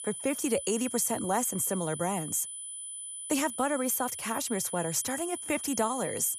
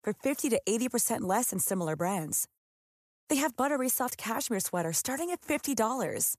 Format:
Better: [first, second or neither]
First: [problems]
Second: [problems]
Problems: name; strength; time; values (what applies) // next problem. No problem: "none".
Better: second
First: high-pitched whine; loud; throughout; 10 kHz, 7 dB below the speech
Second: none